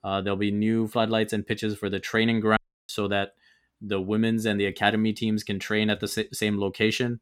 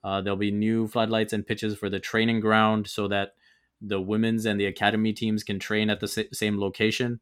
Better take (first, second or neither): second